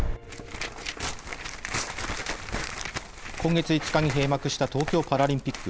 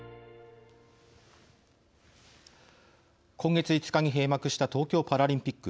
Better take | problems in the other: second | background sound (Tearing); 5 dB below the speech

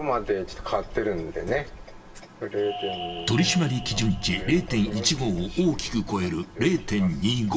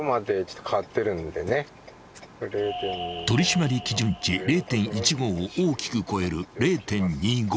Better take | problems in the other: second | background sound (Dog); 14 dB below the speech // room echo; dies away in 0.6 s

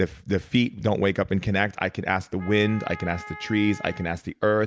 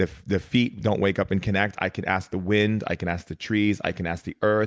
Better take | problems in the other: second | background sound (Wind instrument, woodwind instrument); 17 dB below the speech

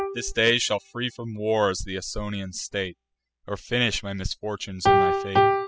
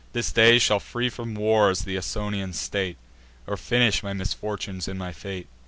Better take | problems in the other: second | noise reduction (classical method spectral subtraction)

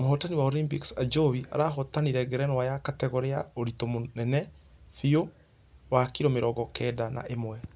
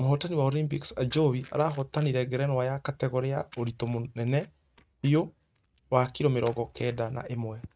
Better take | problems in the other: first | noise reduction (neural mask model RNNoise)

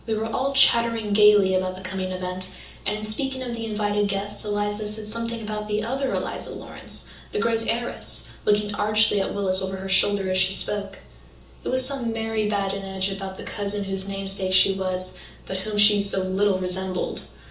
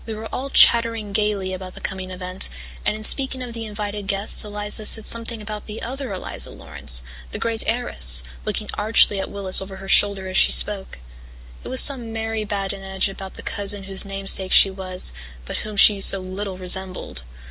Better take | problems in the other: second | room echo; dies away in 0.8 s

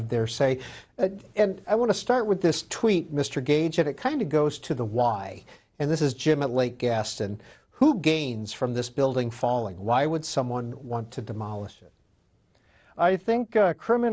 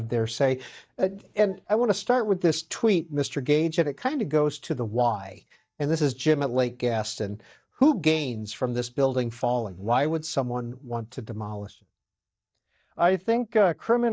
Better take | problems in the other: first | noise reduction (neural mask model DeepFilterNet 3)

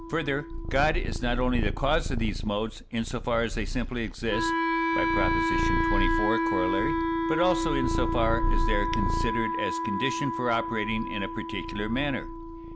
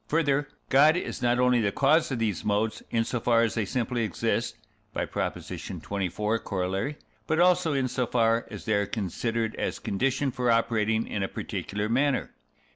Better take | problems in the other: second | background sound (Purr + Wind instrument, woodwind instrument); 2 dB above the speech

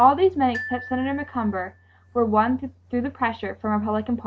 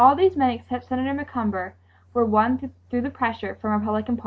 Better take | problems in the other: second | background sound (Glockenspiel); 15 dB below the speech

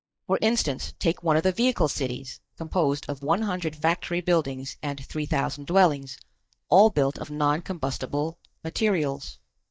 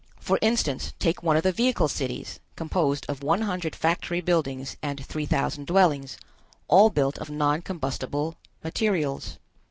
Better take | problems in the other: second | noise reduction (neural mask model DeepFilterNet 3)

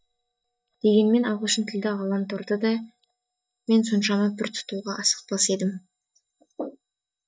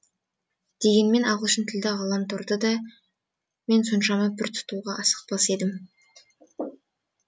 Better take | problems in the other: second | noise reduction (neural mask model DeepFilterNet 3)

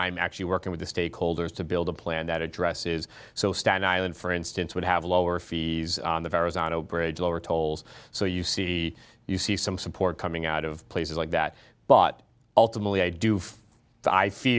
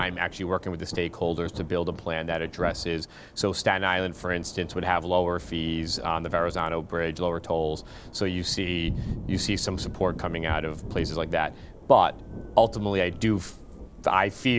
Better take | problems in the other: first | background sound (Thunder / Rain); 12 dB below the speech

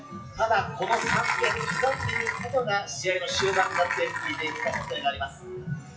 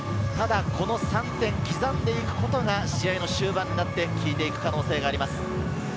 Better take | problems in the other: second | noise reduction (classical method WPE with log-MMSE)

